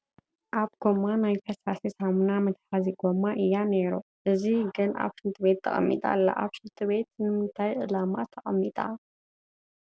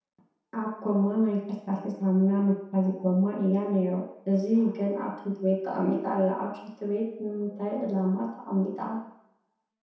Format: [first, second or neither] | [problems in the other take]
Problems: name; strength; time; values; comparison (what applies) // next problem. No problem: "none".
first | room echo; dies away in 0.7 s